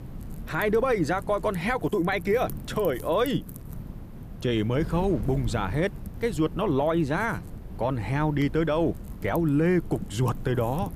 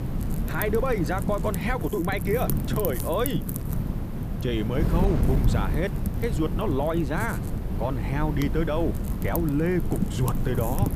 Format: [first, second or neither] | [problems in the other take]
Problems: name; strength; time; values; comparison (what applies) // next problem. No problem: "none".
first | wind noise on the microphone; heavy; 8 dB below the speech; occasional gusts in the first